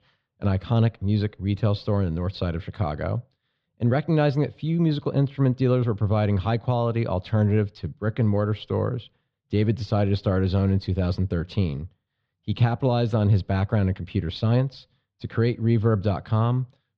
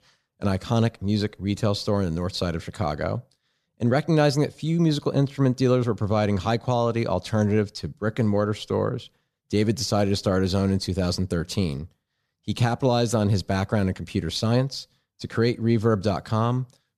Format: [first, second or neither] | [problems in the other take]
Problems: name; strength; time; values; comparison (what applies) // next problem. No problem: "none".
second | muffled; slightly; fading above 3.5 kHz